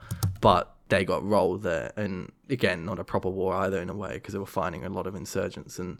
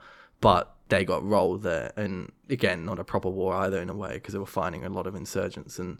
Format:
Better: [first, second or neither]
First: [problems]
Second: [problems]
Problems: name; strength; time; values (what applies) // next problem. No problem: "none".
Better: second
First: keyboard typing; noticeable; at the start; peak 4 dB below the speech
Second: none